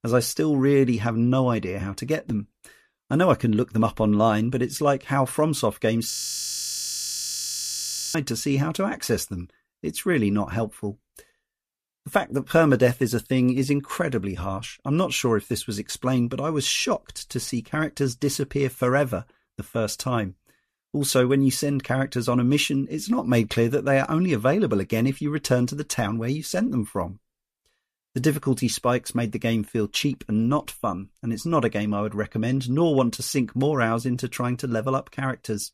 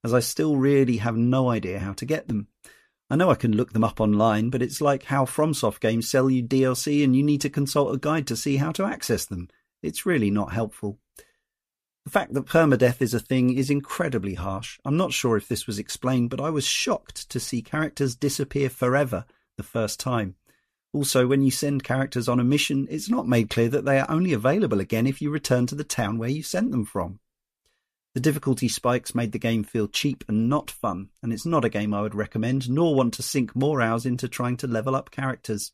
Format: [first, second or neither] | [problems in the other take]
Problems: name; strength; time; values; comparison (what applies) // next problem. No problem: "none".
second | audio freezing; at 6 s for 2 s